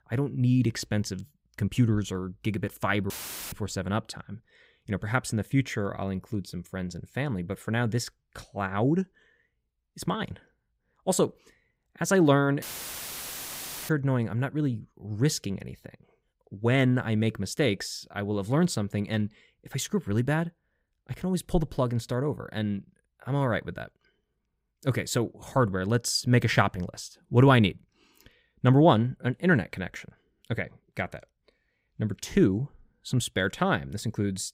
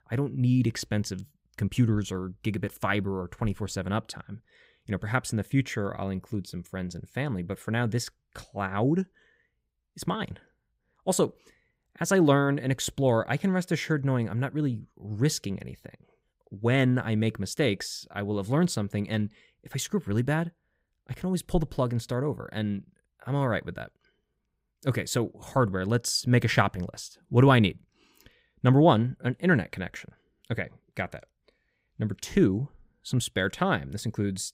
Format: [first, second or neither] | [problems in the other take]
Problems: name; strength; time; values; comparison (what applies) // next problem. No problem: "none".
second | audio cutting out; filled with static; at 3 s and at 13 s for 1.5 s